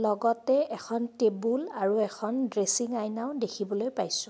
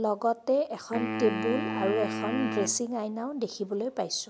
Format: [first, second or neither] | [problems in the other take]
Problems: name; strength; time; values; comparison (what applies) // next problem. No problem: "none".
first | background sound (Wind instrument, woodwind instrument); 5 dB below the speech